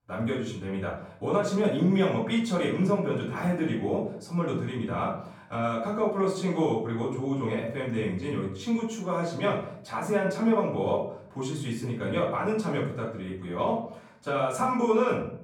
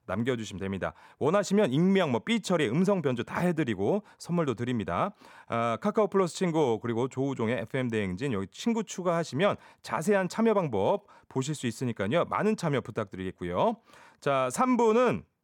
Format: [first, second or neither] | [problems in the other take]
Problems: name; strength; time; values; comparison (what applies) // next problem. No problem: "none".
second | off-mic speech; far // room echo; noticeable; dies away in 0.5 s